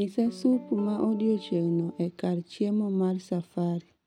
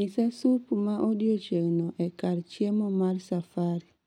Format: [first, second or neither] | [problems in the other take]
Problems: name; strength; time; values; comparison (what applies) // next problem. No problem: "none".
second | background sound (Guitar); 18 dB below the speech